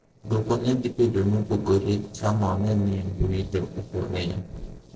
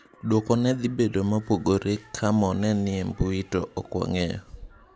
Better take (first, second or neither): second